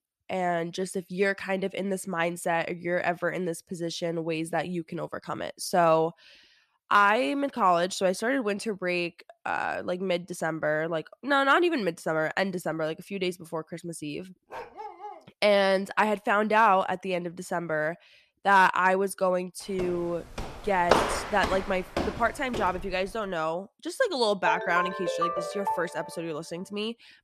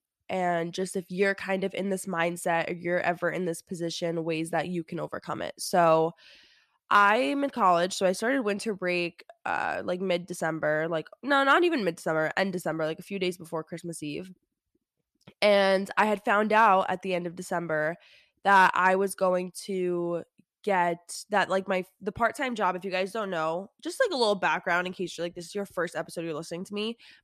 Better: second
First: dog barking; faint; at 15 s; peak 15 dB below the speech // footsteps; loud; from 20 to 23 s; peak 3 dB above the speech // phone ringing; noticeable; from 24 to 26 s; peak 1 dB below the speech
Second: none

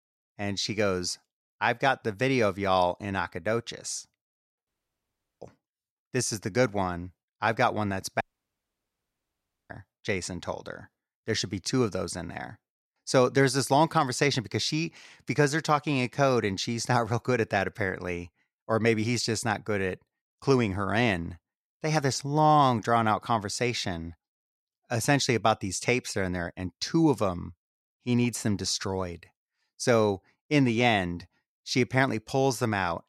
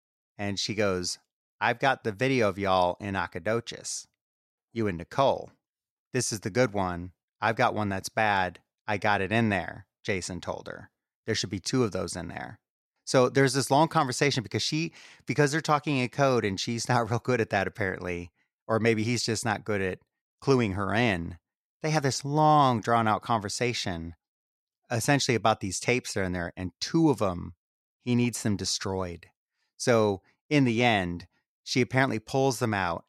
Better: second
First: audio cutting out; at 4.5 s for 0.5 s and at 8 s for 1.5 s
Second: none

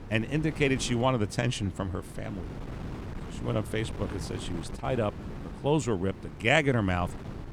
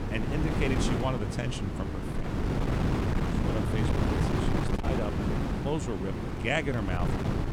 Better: first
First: wind noise on the microphone; occasional gusts; 15 dB below the speech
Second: wind noise on the microphone; heavy; as loud as the speech

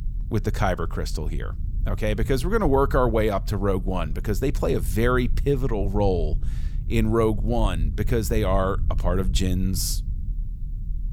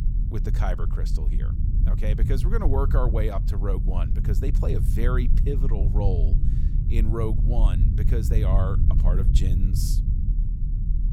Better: first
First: low rumble; faint; throughout; 20 dB below the speech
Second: low rumble; loud; throughout; 6 dB below the speech

